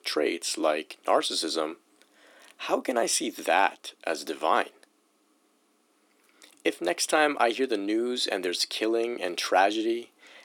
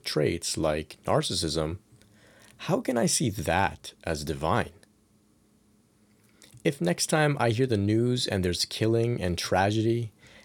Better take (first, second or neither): second